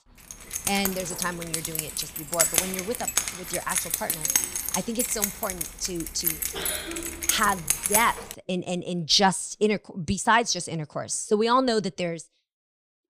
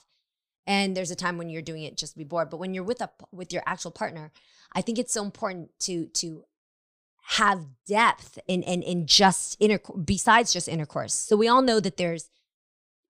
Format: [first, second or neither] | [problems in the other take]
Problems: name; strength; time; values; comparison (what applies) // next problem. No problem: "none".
second | jangling keys; loud; until 8.5 s; peak 6 dB above the speech